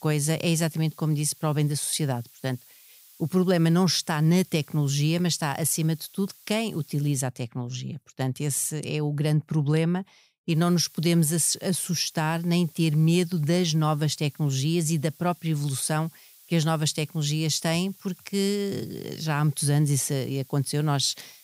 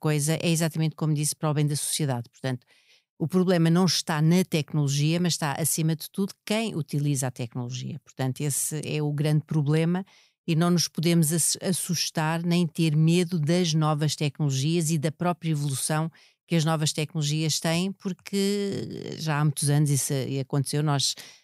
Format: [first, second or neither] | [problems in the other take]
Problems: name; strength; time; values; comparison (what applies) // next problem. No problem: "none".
second | hiss; faint; until 7 s and from 11 s on; 25 dB below the speech